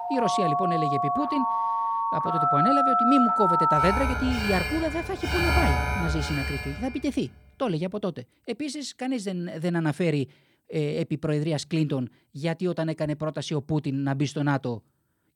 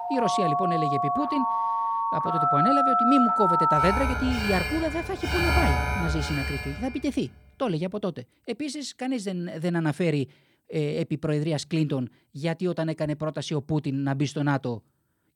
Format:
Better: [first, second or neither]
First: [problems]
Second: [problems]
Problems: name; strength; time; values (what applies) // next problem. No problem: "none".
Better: neither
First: alarms or sirens; very loud; until 6.5 s; 4 dB above the speech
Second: alarms or sirens; very loud; until 6.5 s; 4 dB above the speech